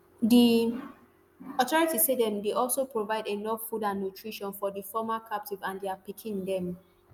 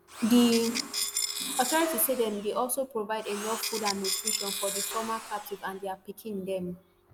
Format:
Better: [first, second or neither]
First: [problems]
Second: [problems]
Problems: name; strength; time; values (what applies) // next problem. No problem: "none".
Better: first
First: none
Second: background sound (Tools); 5 dB below the speech